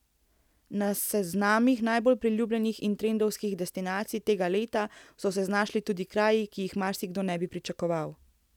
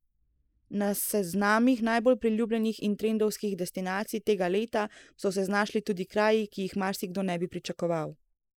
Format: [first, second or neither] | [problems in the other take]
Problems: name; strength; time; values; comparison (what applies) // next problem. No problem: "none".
first | noise reduction (neural mask model Resemble Enhance denoiser)